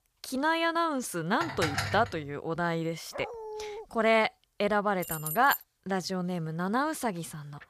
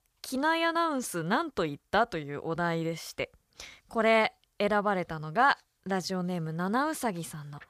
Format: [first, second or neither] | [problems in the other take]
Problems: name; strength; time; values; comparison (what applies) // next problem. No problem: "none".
second | clattering dishes; noticeable; at 1.5 s; peak 2 dB below the speech // dog barking; faint; at 3 s; peak 10 dB below the speech // jangling keys; noticeable; at 5 s; peak 5 dB below the speech